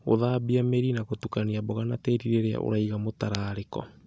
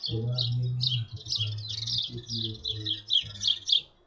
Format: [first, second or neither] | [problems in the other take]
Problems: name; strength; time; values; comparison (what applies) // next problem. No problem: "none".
first | noise reduction (classical method WPE with log-MMSE)